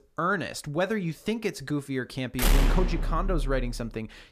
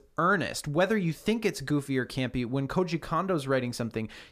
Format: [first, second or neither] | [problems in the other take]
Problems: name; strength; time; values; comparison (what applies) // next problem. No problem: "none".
second | door banging; loud; from 2.5 to 4 s; peak 6 dB above the speech